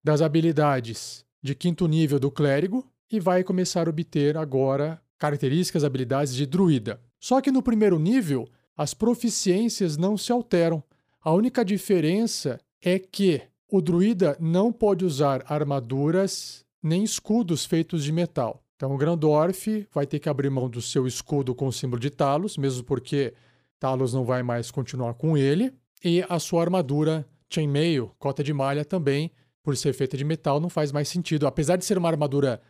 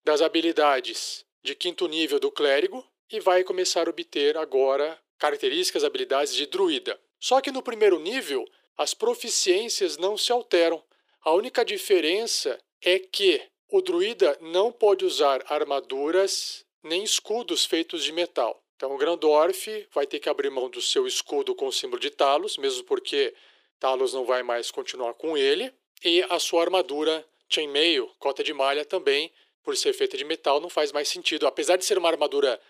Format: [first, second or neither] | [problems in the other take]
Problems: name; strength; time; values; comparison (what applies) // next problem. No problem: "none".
first | thin; very; fading below 350 Hz